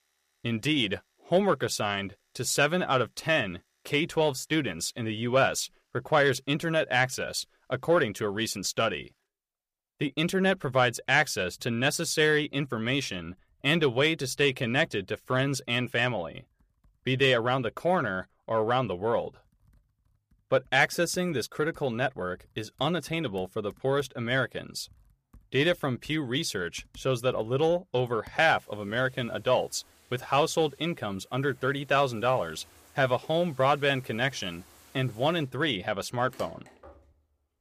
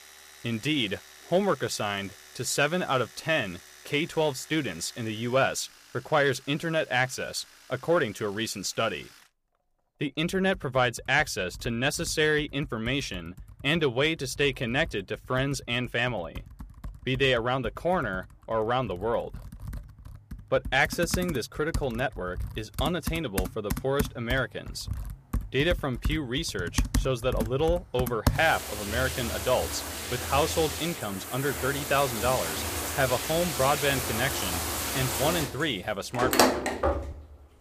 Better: first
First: household noises; faint; throughout; 30 dB below the speech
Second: household noises; loud; throughout; 4 dB below the speech

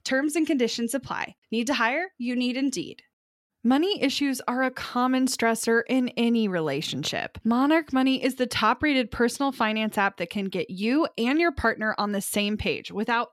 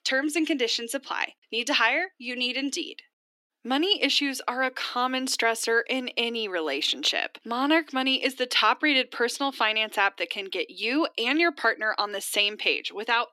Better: first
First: none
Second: thin; somewhat; fading below 300 Hz

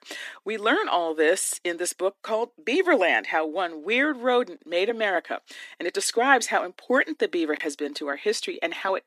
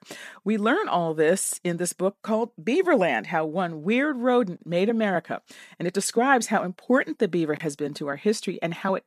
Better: second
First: thin; somewhat; fading below 300 Hz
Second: none

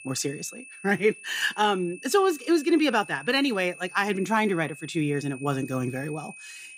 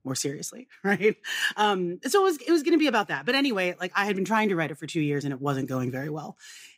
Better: second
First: high-pitched whine; noticeable; throughout; 2.5 kHz, 15 dB below the speech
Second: none

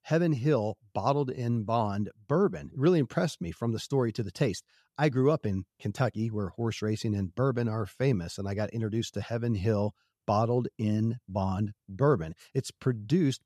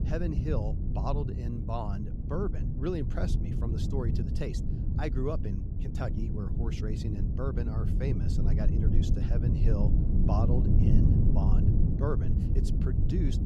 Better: first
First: none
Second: low rumble; loud; throughout; 2 dB below the speech

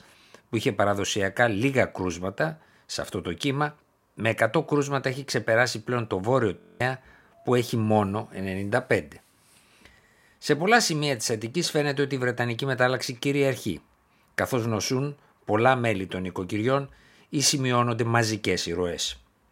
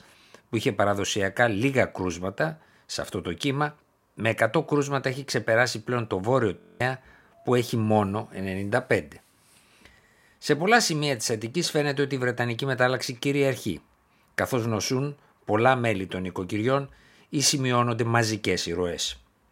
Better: neither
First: audio freezing; at 6.5 s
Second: audio freezing; at 6.5 s

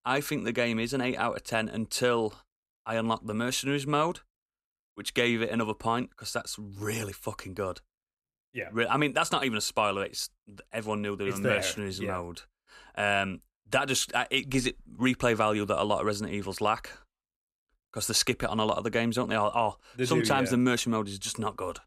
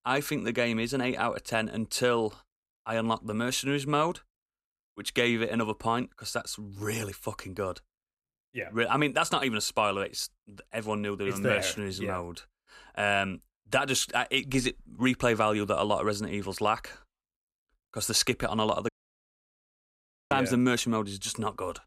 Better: first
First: none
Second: audio cutting out; at 19 s for 1.5 s

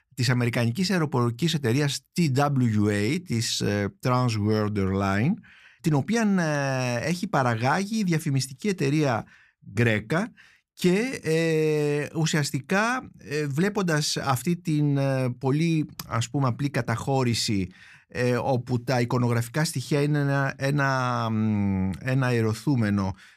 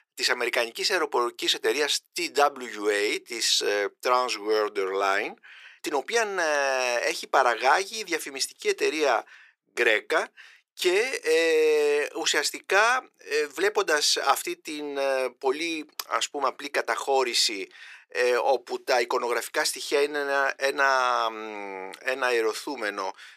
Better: first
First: none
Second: thin; very; fading below 400 Hz

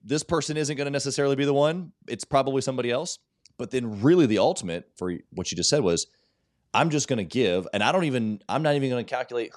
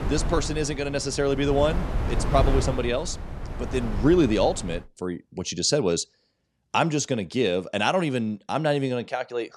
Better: first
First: none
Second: wind noise on the microphone; occasional gusts; until 5 s; 10 dB below the speech

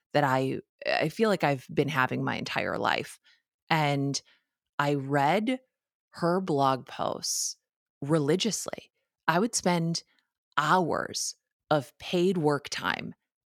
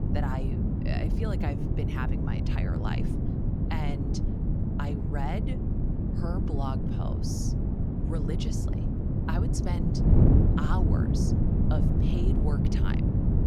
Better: first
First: none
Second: wind noise on the microphone; heavy; 2 dB above the speech

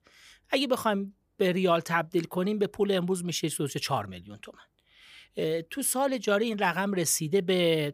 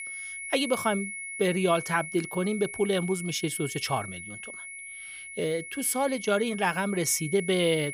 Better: first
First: none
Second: high-pitched whine; loud; throughout; 2 kHz, 9 dB below the speech

